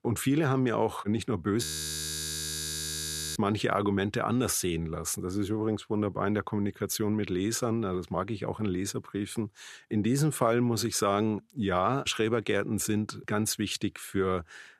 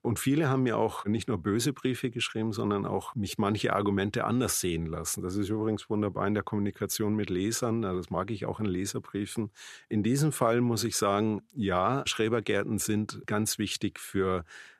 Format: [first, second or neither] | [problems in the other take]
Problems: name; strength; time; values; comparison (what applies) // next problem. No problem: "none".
second | audio freezing; at 1.5 s for 1.5 s